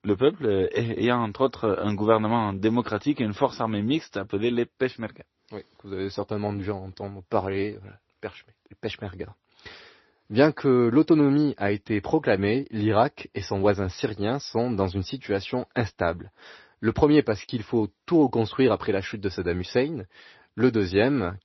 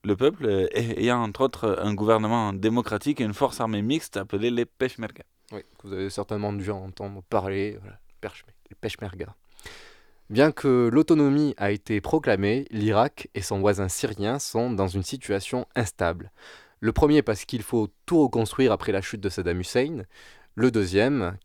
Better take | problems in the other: second | garbled, watery; slightly; nothing above 6 kHz

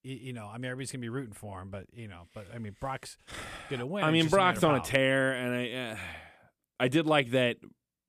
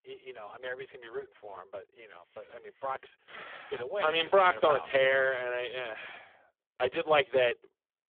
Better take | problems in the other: first | phone-call audio; poor line; nothing above 3.5 kHz

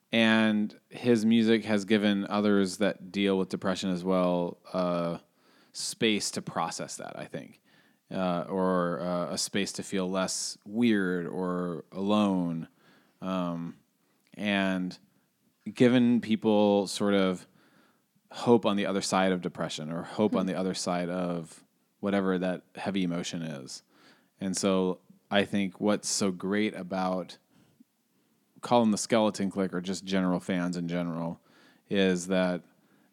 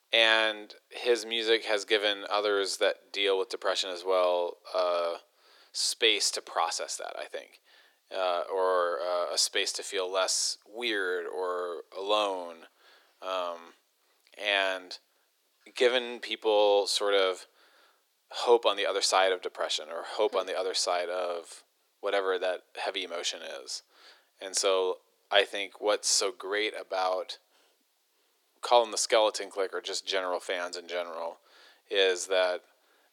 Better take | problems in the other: first | thin; very; fading below 400 Hz

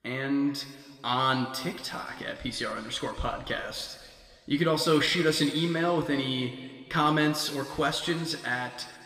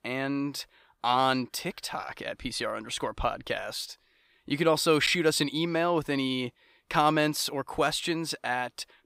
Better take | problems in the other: second | room echo; slight; dies away in 1.8 s

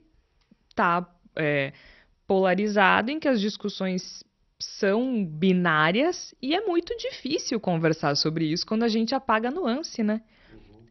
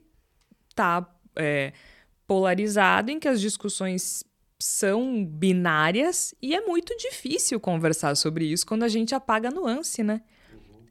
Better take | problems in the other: second | garbled, watery; slightly; nothing above 6 kHz

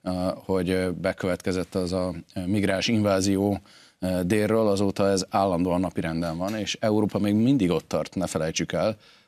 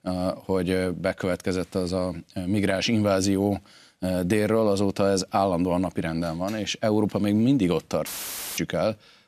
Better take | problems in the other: first | audio cutting out; filled with static; at 8 s for 0.5 s

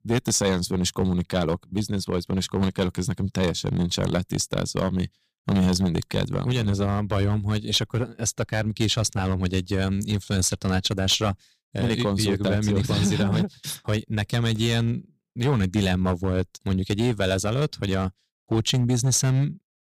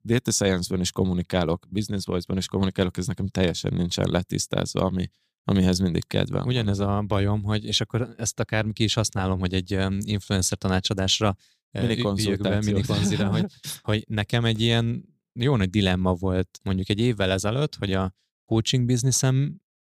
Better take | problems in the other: second | distortion; slight; 4% of the sound clipped

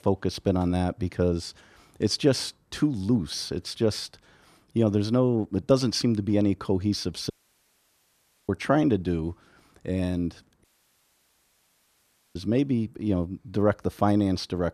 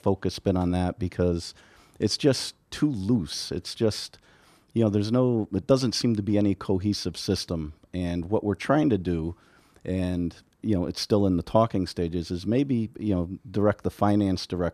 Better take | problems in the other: second | audio cutting out; at 7.5 s for 1 s and at 11 s for 1.5 s

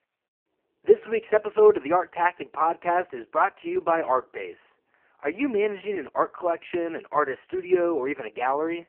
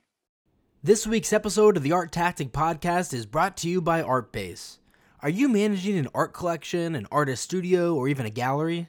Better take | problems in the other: second | phone-call audio; poor line

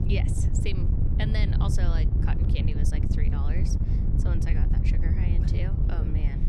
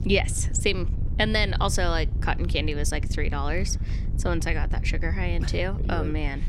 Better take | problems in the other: second | wind noise on the microphone; heavy; as loud as the speech; occasional gusts in the second

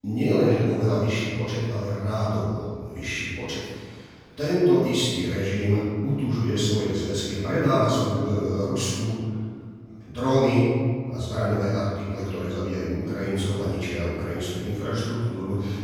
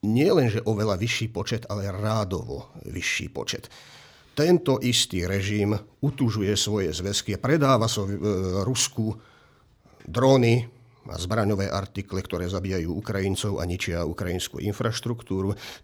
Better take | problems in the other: second | off-mic speech; far // room echo; strong; dies away in 1.7 s

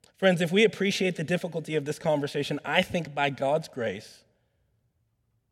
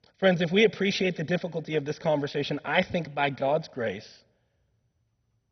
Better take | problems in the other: first | garbled, watery; badly; nothing above 6 kHz

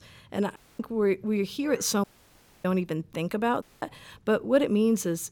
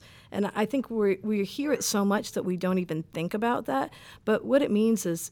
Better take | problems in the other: second | audio cutting out; at 0.5 s, at 2 s for 0.5 s and at 3.5 s

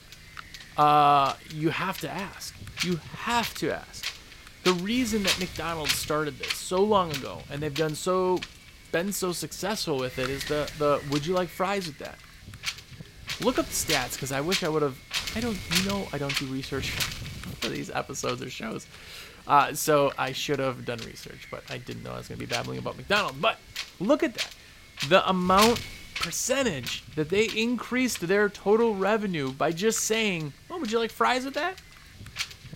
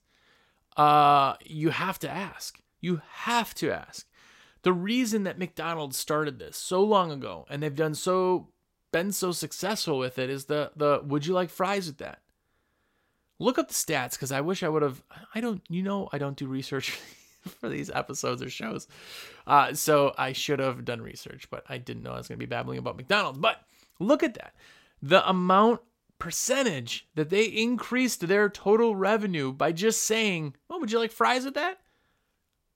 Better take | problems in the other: second | wind noise on the microphone; heavy; 7 dB below the speech

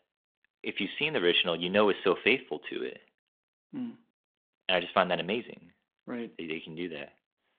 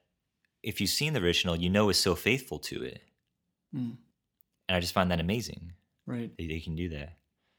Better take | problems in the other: second | phone-call audio; nothing above 3.5 kHz

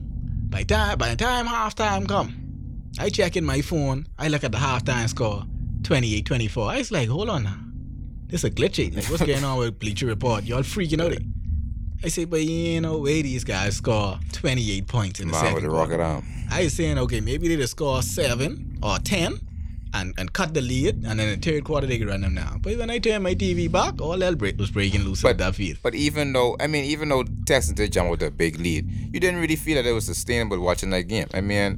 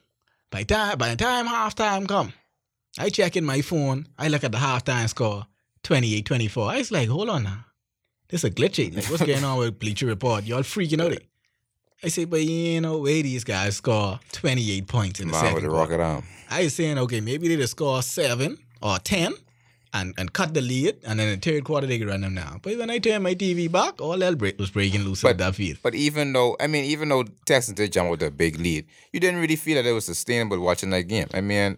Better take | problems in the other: second | low rumble; faint; throughout; 20 dB below the speech

